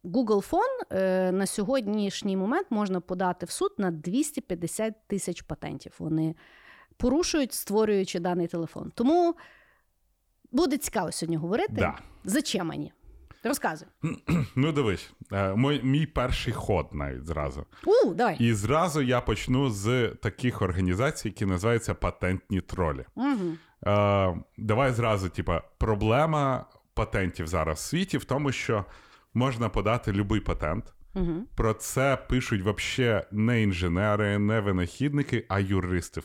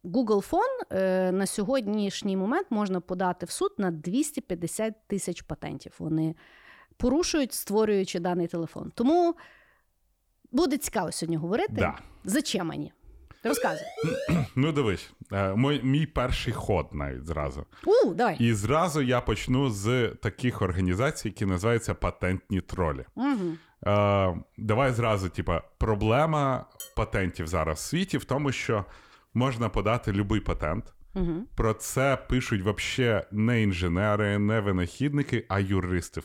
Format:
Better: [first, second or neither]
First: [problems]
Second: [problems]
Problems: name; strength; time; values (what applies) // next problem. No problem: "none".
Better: first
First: none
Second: siren; noticeable; at 13 s; peak 5 dB below the speech // clattering dishes; faint; at 27 s; peak 15 dB below the speech